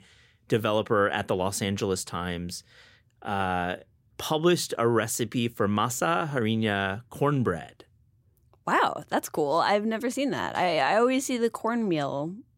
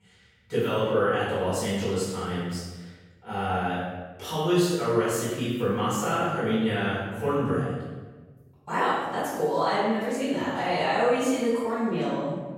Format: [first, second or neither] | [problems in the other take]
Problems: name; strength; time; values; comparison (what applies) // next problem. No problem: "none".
first | off-mic speech; far // room echo; strong; dies away in 1.1 s